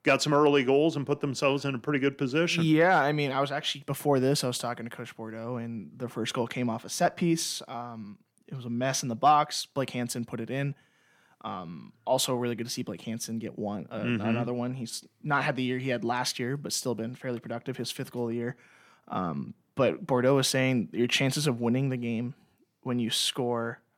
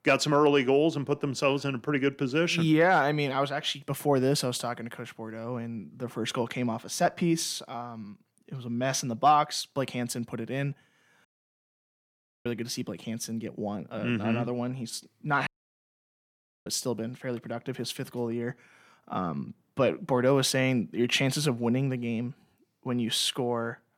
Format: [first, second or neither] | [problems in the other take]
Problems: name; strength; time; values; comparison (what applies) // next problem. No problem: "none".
first | audio cutting out; at 11 s for 1 s and at 15 s for 1 s